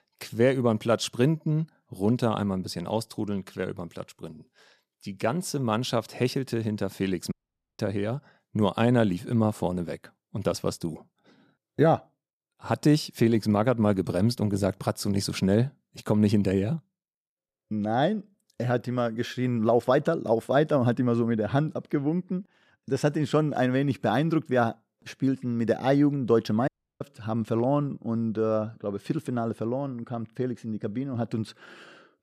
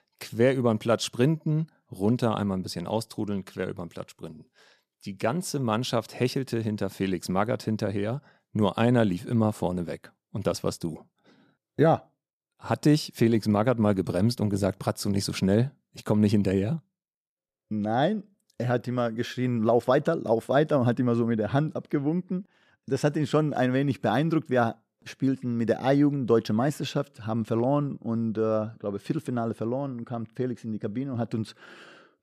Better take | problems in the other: second | audio cutting out; at 7.5 s and at 27 s

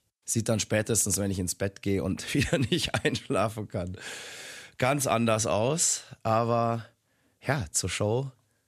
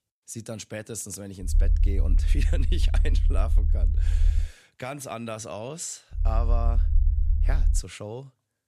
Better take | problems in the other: first | low rumble; loud; from 1.5 to 4.5 s and from 6 to 8 s; 10 dB below the speech

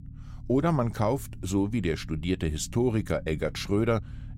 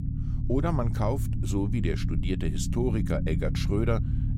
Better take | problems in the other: first | low rumble; loud; throughout; 8 dB below the speech; faint in the first

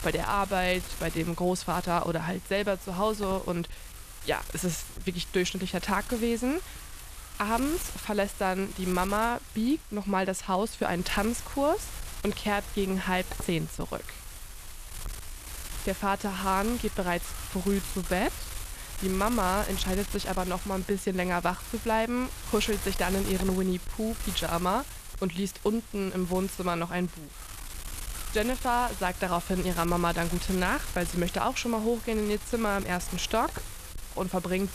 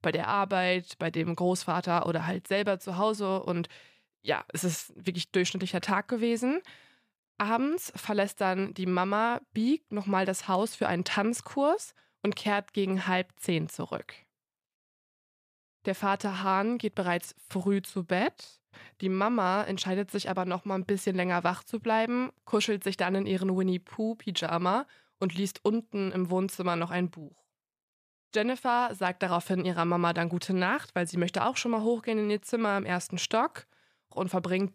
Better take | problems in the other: second | wind noise on the microphone; occasional gusts; 10 dB below the speech

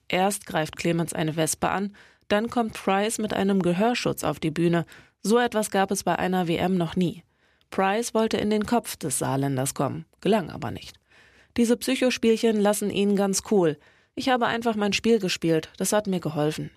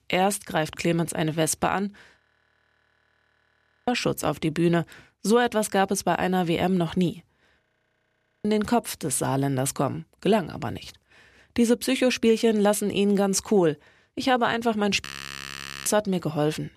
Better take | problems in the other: first | audio freezing; at 2 s for 1.5 s, at 7.5 s for 1 s and at 15 s for 1 s

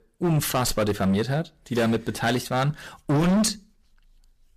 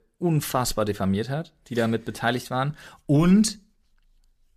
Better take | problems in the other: second | distortion; heavy; 13% of the sound clipped

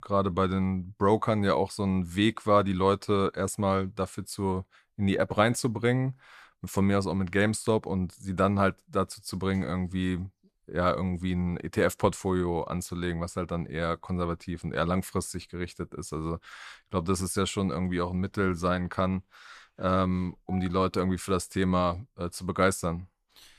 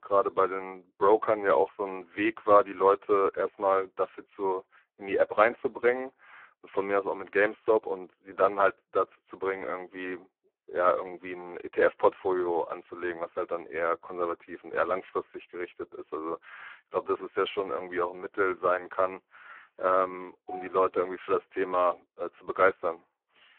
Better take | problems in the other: first | phone-call audio; poor line

